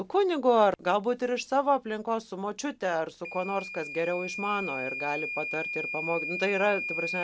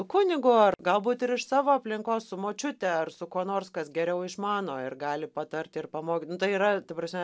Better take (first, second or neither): second